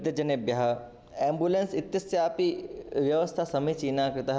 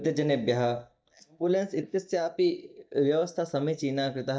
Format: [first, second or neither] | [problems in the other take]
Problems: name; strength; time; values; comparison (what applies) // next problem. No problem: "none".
first | noise reduction (neural mask model DeepFilterNet 3)